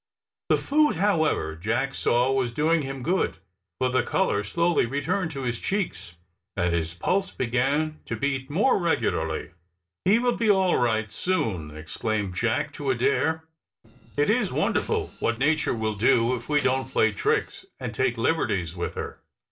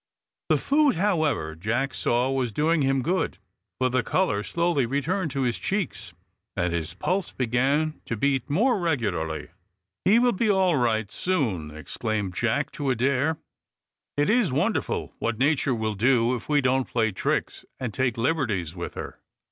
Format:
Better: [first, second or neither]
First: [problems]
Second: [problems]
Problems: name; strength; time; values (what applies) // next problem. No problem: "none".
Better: second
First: noise reduction (neural separator model SepFormer DNS4)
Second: none